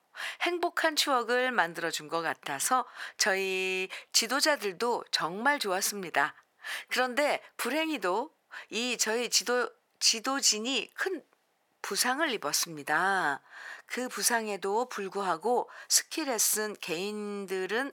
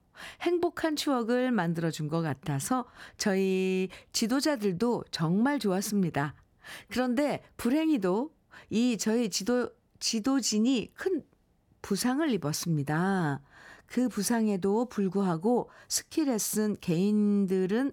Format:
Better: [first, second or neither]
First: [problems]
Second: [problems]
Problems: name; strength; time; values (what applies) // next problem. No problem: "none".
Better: second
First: thin; very; fading below 650 Hz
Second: none